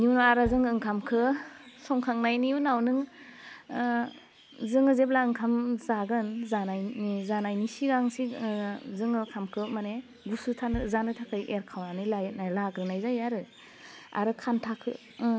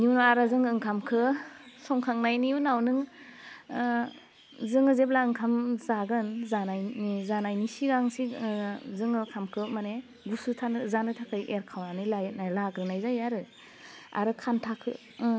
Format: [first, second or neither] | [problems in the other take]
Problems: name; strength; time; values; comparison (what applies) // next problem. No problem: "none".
second | background sound (Bass drum); 17 dB below the speech